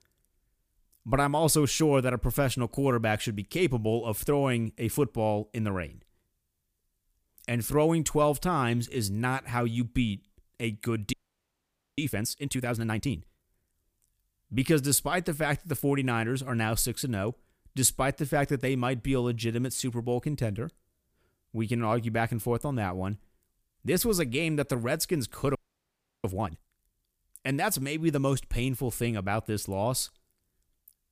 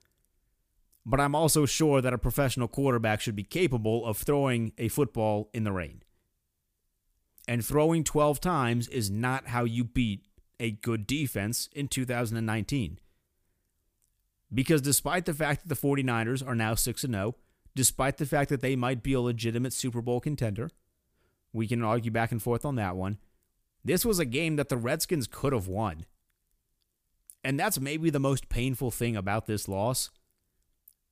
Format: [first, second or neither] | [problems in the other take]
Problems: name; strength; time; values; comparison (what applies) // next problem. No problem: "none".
second | audio freezing; at 11 s for 1 s and at 26 s for 0.5 s